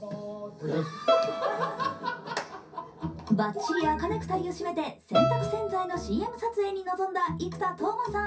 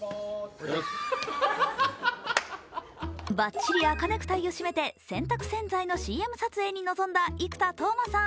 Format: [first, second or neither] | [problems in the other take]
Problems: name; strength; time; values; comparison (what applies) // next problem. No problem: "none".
second | background sound (Bowed string instrument); 3 dB below the speech // room echo; dies away in 0.3 s